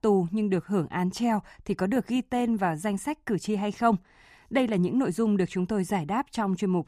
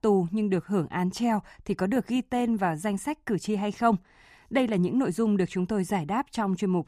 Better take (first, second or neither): neither